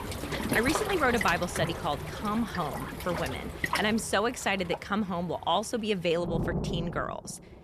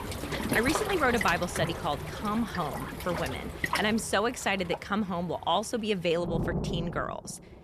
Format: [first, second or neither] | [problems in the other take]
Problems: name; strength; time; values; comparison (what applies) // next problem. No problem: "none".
neither | rain or running water; loud; throughout; 5 dB below the speech; the same in both